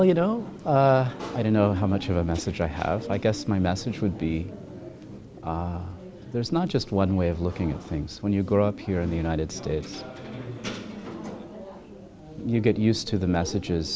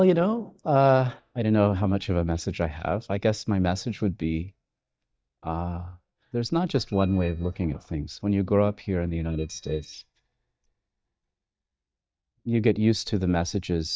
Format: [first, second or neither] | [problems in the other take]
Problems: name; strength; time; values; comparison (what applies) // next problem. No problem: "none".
first | noise reduction (neural mask model DeepFilterNet 3)